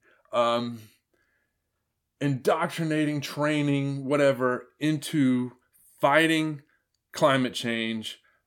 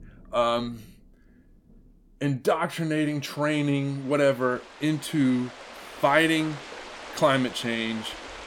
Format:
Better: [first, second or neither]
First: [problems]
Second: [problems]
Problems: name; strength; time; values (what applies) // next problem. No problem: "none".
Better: first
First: none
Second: rain or running water; noticeable; throughout; 15 dB below the speech